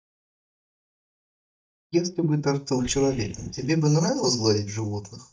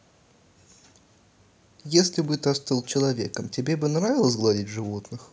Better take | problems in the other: second | noise reduction (neural mask model DeepFilterNet 3)

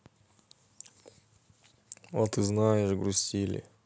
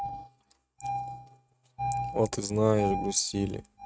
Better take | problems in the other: first | noise reduction (neural mask model RNNoise)

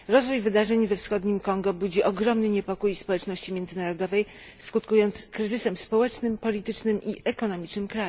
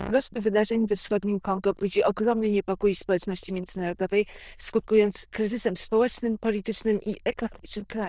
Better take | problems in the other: first | noise reduction (neural diffusion model UNIVERSE++)

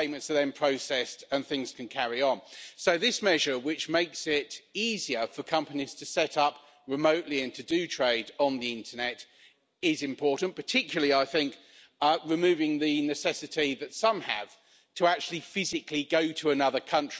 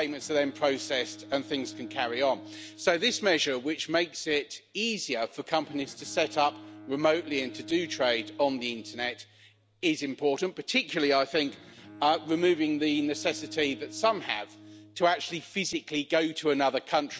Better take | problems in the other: first | background sound (Bowed string instrument); 19 dB below the speech

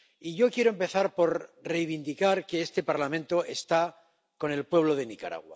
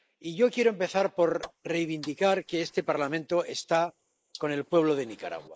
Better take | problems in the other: first | noise reduction (neural mask model Resemble Enhance denoiser)

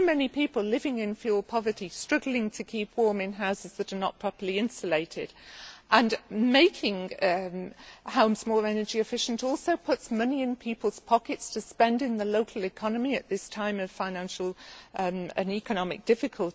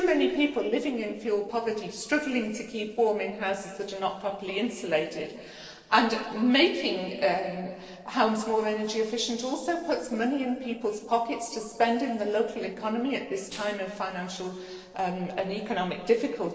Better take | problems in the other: first | noise reduction (neural separator model SepFormer DNS4)

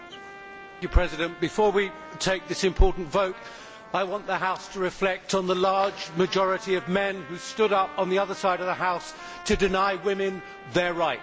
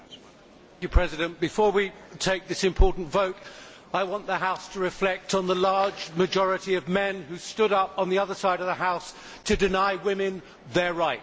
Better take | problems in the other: second | background sound (Trumpet); 18 dB below the speech

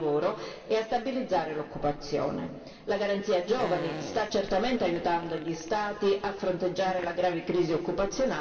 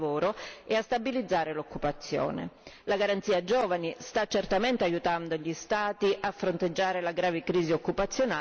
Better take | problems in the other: second | background sound (Fart); 14 dB below the speech // room echo; dies away in 2.4 s

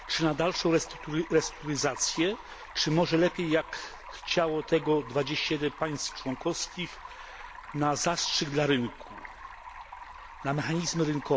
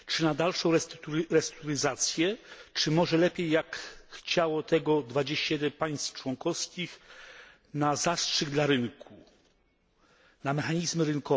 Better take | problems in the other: second | background sound (Stream); 15 dB below the speech

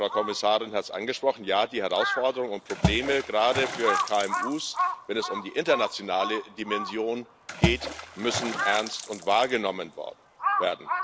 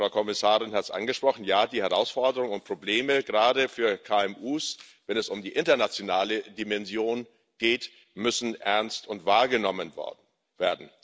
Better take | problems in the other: second | background sound (Crow + Water / Splash, splatter); 4 dB below the speech

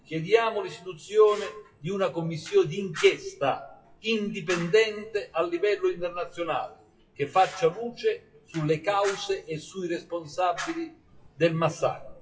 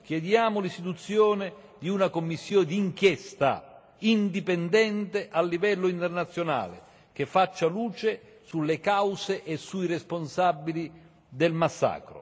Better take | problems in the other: second | noise reduction (classical method WPE with log-MMSE)

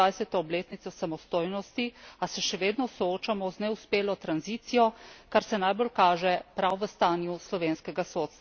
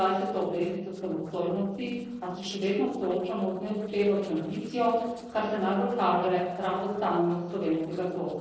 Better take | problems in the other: first | noise reduction (neural separator model SepFormer DNS4)

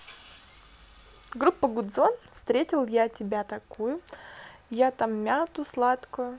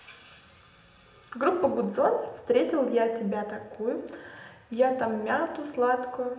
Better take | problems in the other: first | room echo; dies away in 0.8 s

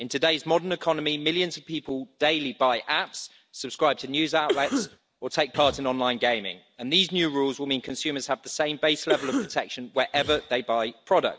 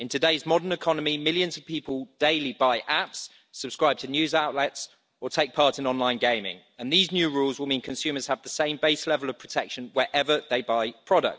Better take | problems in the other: second | background sound (Cough); 7 dB below the speech

